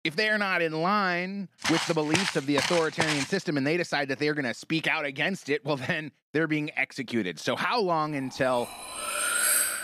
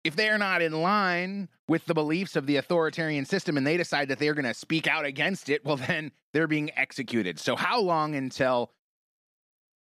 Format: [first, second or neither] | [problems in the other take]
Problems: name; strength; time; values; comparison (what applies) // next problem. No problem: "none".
second | footsteps; noticeable; from 1.5 to 3.5 s; peak level with the speech // clattering dishes; loud; from 8.5 s on; peak 6 dB above the speech